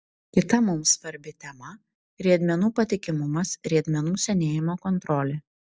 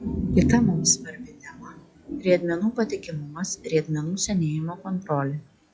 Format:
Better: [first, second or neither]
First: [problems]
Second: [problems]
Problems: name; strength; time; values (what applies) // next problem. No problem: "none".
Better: first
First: none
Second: noise reduction (classical method log-MMSE)